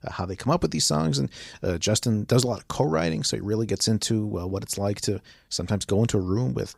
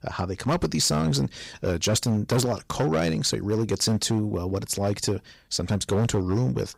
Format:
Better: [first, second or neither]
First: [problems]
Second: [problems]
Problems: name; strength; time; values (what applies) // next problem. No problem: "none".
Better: first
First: none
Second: distortion; slight; 8% of the sound clipped